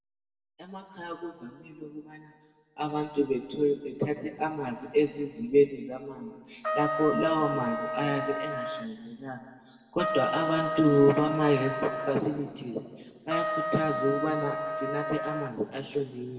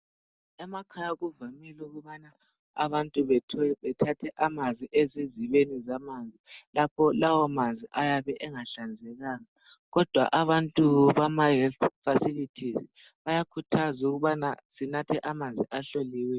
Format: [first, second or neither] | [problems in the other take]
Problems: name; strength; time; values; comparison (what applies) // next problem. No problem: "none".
second | background sound (Trumpet); 4 dB below the speech // room echo; dies away in 1.8 s